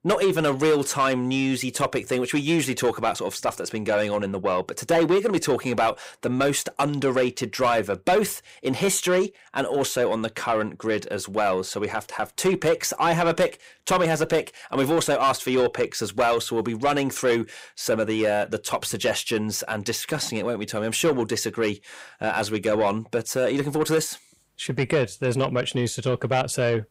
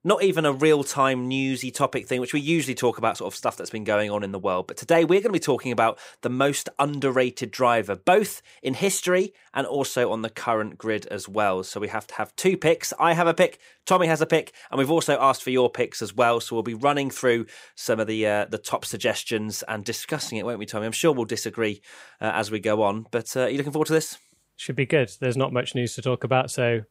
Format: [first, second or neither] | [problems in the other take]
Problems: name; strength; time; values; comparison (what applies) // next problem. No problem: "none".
second | distortion; slight; 10 dB below the speech